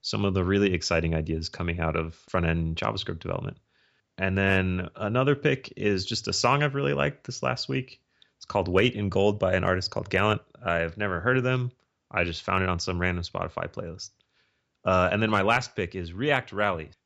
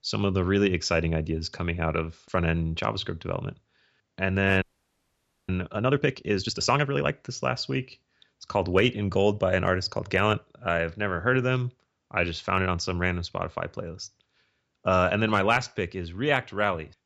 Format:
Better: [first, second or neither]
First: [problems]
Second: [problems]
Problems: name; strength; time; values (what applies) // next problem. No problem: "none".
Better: first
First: none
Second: audio freezing; at 4.5 s for 1 s